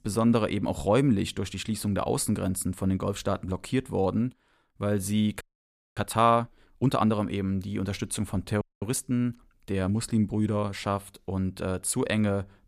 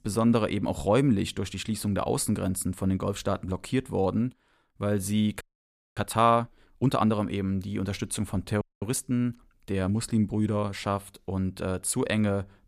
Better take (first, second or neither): neither